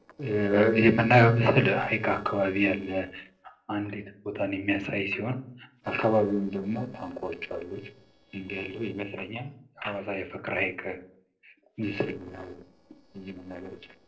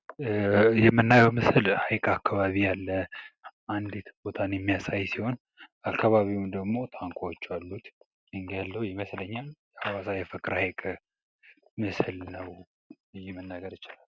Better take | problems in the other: second | noise reduction (neural separator model SepFormer DNS4)

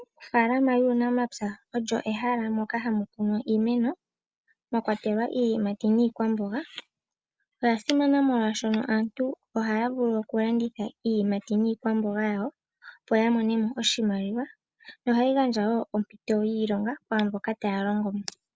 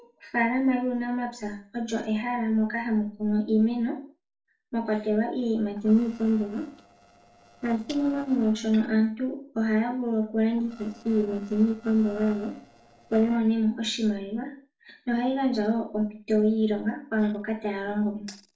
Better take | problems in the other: first | noise reduction (neural separator model SepFormer DNS4)

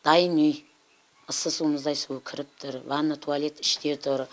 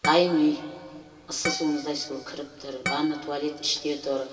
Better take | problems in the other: first | background sound (Harp); 10 dB below the speech // room echo; dies away in 2.5 s

